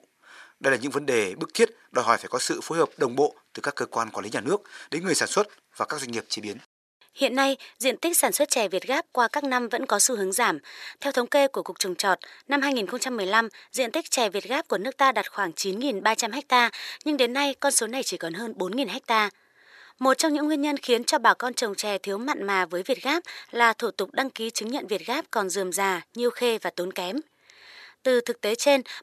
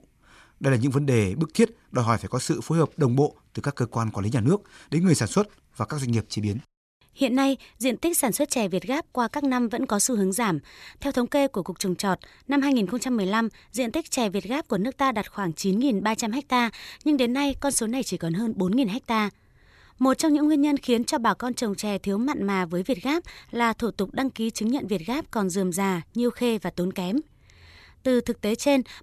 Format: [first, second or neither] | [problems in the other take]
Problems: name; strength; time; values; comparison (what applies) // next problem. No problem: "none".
second | thin; somewhat; fading below 500 Hz